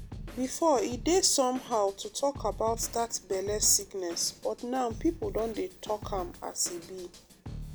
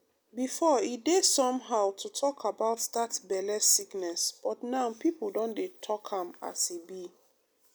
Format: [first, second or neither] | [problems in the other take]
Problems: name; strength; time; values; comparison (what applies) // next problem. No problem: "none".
second | background sound (Drum kit); 13 dB below the speech